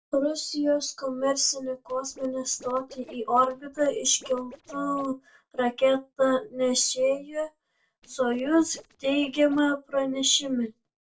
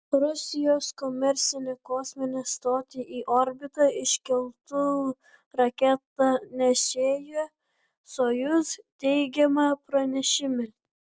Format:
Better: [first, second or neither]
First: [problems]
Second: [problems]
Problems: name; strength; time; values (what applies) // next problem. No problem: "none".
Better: second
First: noise reduction (neural separator model SepFormer DNS4)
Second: none